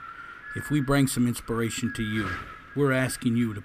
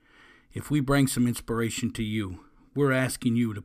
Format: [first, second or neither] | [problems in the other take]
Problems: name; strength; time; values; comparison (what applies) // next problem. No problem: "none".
second | wind noise on the microphone; heavy; 8 dB below the speech